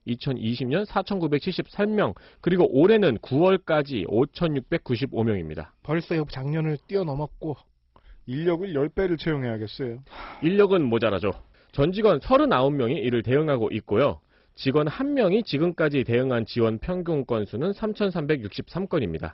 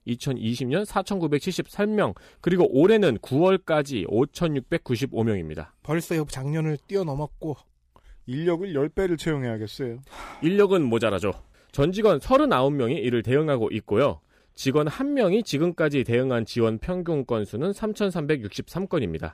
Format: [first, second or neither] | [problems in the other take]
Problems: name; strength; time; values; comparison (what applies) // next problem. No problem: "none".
second | garbled, watery; badly; nothing above 5.5 kHz